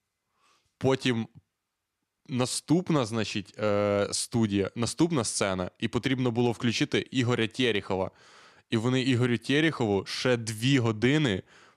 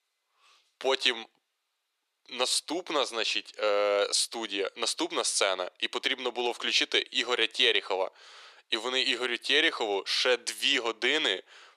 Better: first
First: none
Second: thin; very; fading below 450 Hz

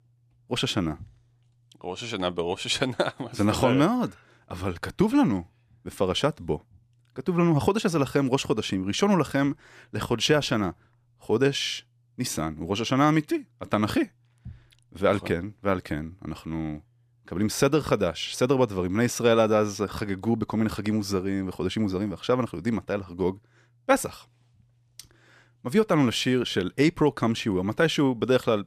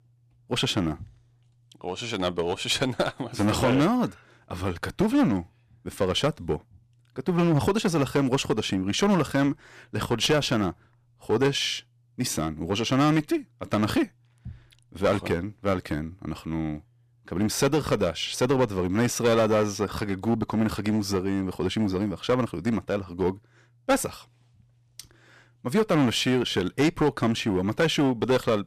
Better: first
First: none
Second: distortion; slight; 6% of the sound clipped

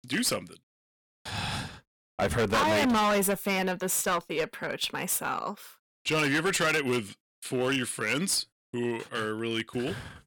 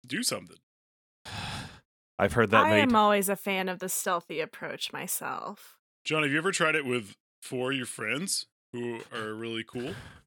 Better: second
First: distortion; heavy; 9% of the sound clipped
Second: none

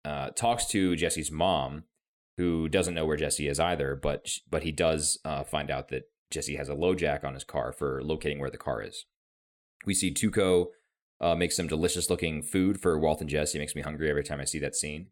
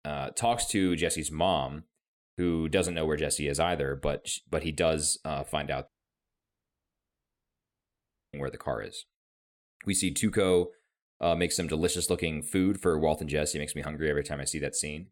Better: first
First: none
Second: audio cutting out; at 6 s for 2.5 s

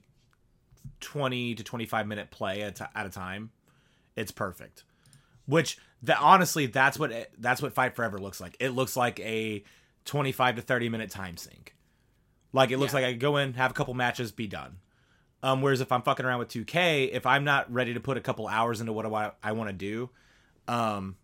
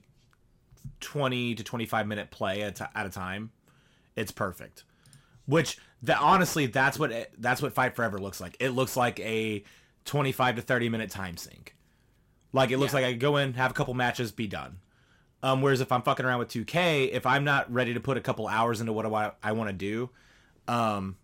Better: first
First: none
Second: distortion; slight; 10 dB below the speech

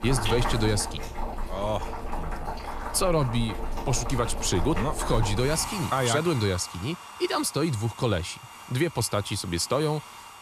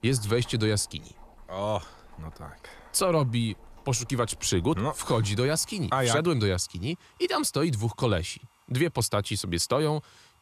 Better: second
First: household noises; loud; throughout; 8 dB below the speech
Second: household noises; faint; throughout; 30 dB below the speech

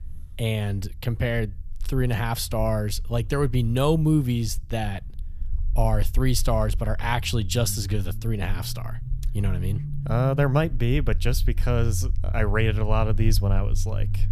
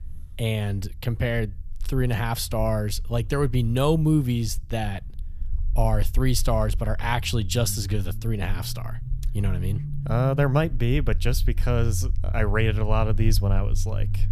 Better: neither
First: low rumble; noticeable; throughout; 20 dB below the speech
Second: low rumble; noticeable; throughout; 20 dB below the speech

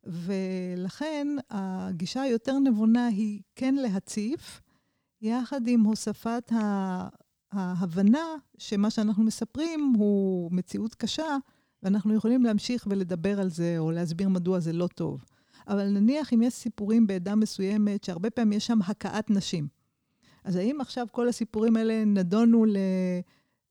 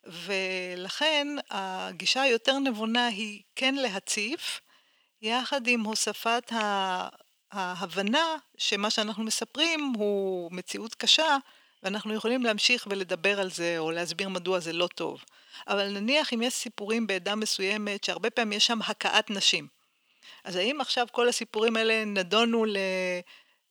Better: first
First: none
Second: thin; very; fading below 600 Hz

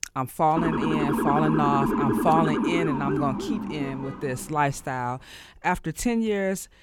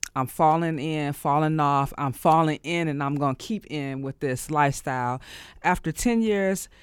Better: second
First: siren; loud; from 0.5 to 4.5 s; peak 2 dB above the speech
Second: none

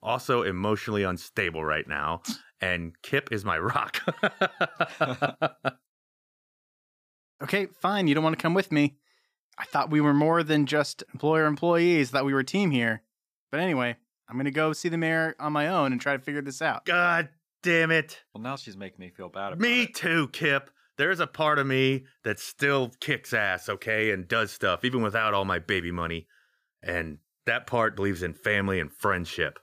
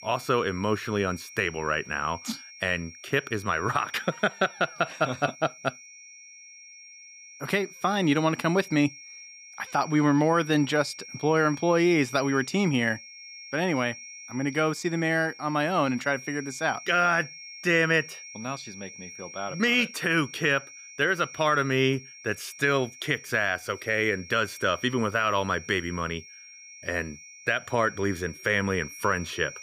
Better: first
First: none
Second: high-pitched whine; noticeable; throughout; 5.5 kHz, 15 dB below the speech

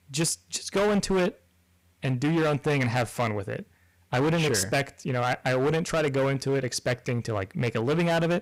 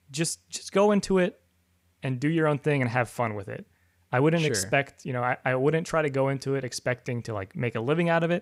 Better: second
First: distortion; heavy; 15% of the sound clipped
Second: none

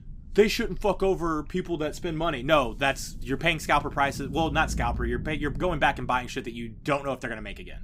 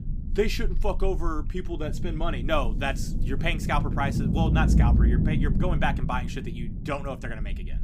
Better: first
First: low rumble; faint; throughout; 25 dB below the speech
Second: low rumble; loud; throughout; 8 dB below the speech

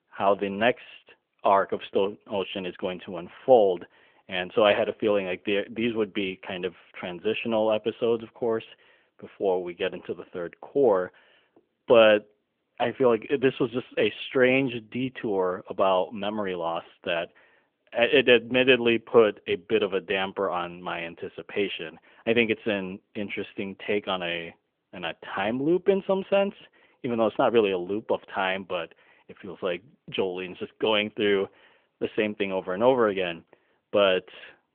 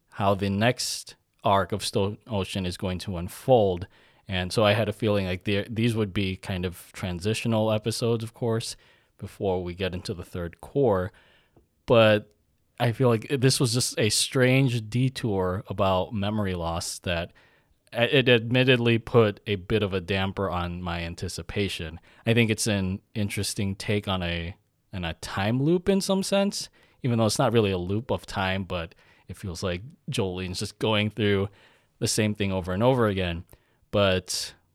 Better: second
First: phone-call audio; nothing above 3.5 kHz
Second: none

